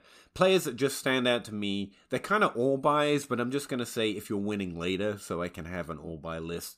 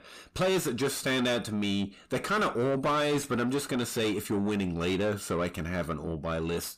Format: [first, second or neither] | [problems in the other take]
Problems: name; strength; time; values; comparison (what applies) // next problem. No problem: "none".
first | distortion; heavy; 6 dB below the speech